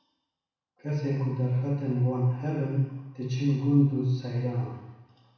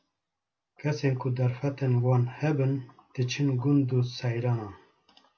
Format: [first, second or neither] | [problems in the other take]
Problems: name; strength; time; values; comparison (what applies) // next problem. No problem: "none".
second | room echo; dies away in 1.1 s